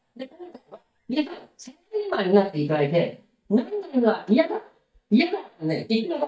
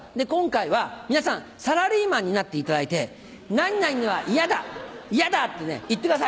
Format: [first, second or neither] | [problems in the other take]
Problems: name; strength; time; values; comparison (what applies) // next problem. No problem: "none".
second | noise reduction (neural mask model DeepFilterNet 3)